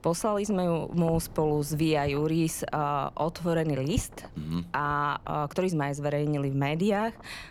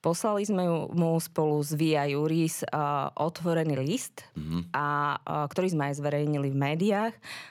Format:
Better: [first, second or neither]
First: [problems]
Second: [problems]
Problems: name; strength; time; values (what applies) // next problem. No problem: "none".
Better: second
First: wind noise on the microphone; occasional gusts; 20 dB below the speech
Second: none